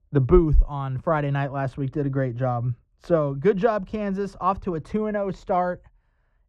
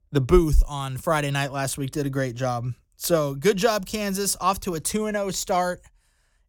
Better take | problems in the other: second | muffled; very; fading above 1.5 kHz

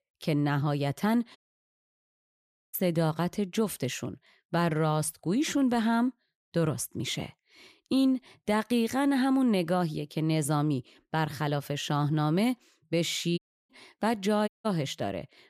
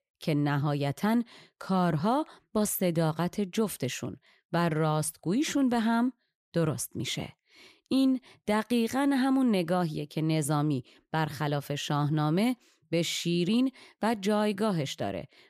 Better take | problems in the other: second | audio cutting out; at 1.5 s for 1.5 s, at 13 s and at 14 s

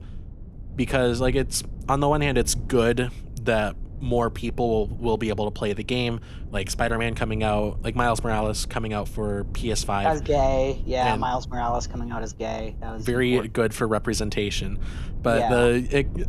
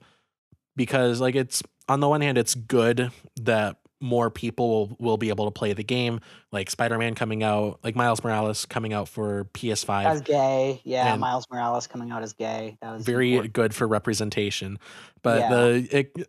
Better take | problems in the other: second | low rumble; faint; throughout; 25 dB below the speech

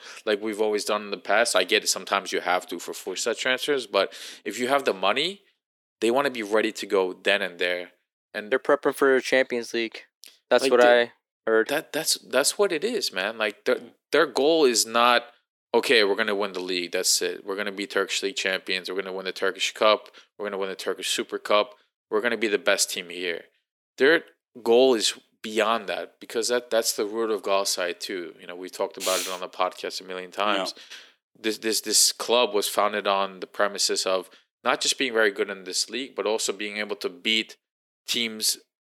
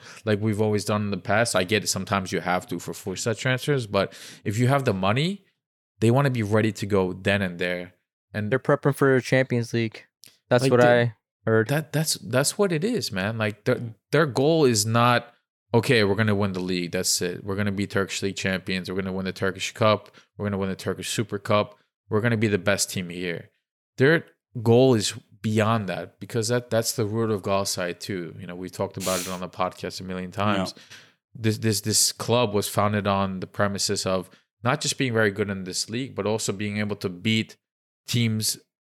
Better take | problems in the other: second | thin; somewhat; fading below 300 Hz

